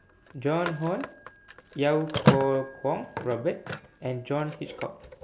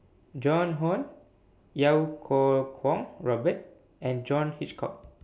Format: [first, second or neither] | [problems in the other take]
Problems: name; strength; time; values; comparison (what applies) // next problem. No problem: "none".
second | background sound (Telephone); 3 dB below the speech